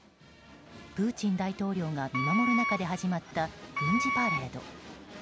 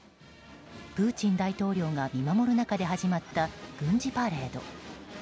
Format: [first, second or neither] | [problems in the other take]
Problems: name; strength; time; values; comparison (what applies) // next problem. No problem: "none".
second | background sound (Wind instrument, woodwind instrument); 1 dB below the speech